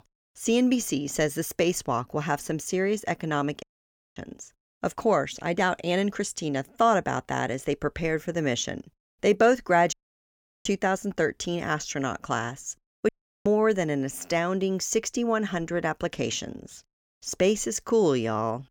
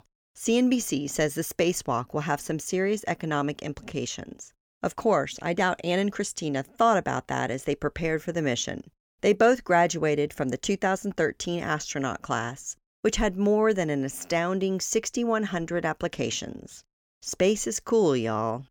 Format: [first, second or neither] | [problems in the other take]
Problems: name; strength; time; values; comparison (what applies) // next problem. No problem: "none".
second | audio cutting out; at 3.5 s for 0.5 s, at 10 s for 0.5 s and at 13 s